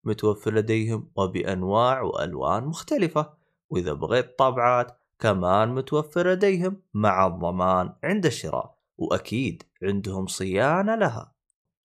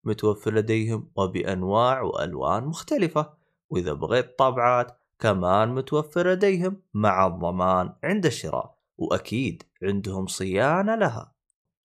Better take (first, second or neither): neither